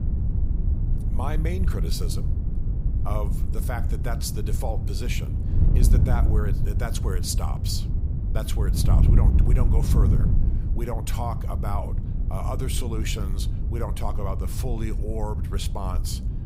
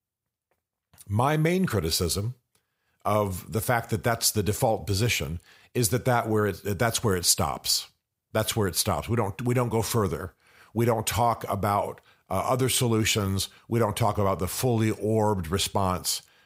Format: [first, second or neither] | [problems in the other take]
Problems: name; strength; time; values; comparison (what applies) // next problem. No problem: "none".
second | wind noise on the microphone; heavy; 5 dB below the speech